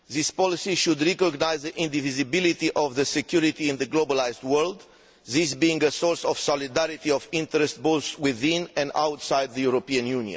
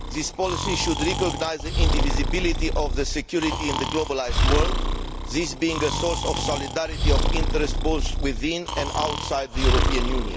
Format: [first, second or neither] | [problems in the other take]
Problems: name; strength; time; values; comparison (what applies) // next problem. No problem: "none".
first | background sound (Breathing); 3 dB above the speech